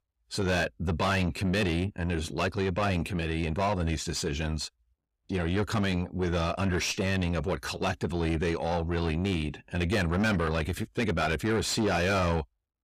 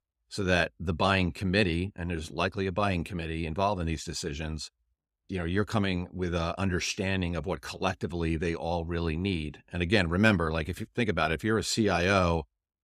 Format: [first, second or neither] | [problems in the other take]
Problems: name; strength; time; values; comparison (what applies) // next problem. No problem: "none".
second | distortion; heavy; 7 dB below the speech